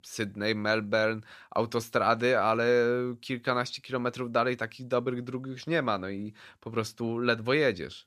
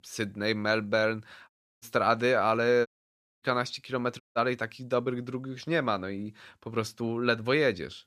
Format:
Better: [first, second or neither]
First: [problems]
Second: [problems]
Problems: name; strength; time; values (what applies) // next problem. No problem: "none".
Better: first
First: none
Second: audio cutting out; at 1.5 s, at 3 s for 0.5 s and at 4 s